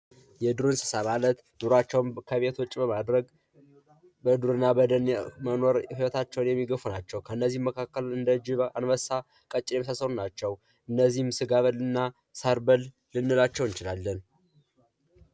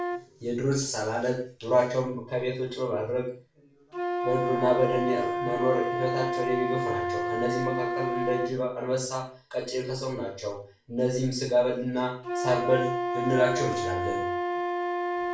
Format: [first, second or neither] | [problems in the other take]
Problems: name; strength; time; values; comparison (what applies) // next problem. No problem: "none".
first | background sound (Wind instrument, woodwind instrument); 3 dB below the speech // room echo; dies away in 0.4 s